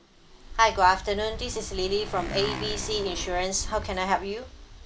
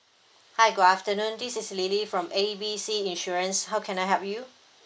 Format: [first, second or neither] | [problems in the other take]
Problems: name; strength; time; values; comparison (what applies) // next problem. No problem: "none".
second | background sound (Motorcycle); 9 dB below the speech